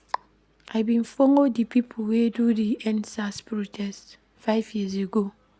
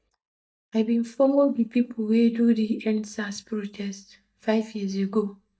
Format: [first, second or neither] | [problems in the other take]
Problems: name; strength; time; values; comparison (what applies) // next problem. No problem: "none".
first | noise reduction (neural mask model DeepFilterNet 3)